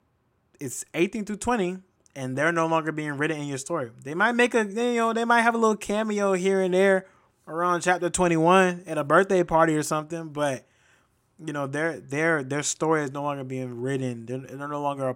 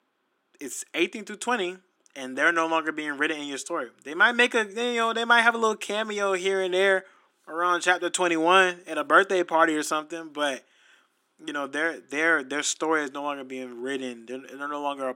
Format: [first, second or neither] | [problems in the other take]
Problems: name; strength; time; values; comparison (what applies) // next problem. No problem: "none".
first | thin; somewhat; fading below 250 Hz